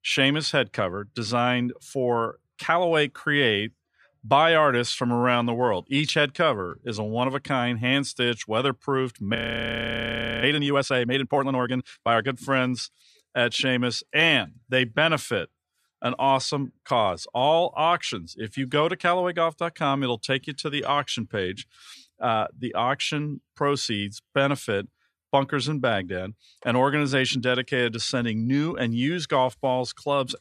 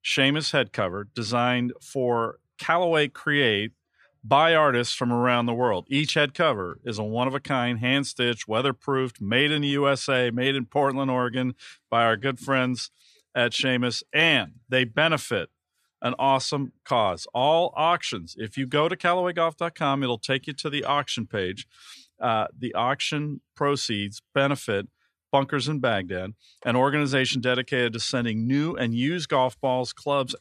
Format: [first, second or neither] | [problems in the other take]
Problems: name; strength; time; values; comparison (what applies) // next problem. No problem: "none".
second | audio freezing; at 9.5 s for 1 s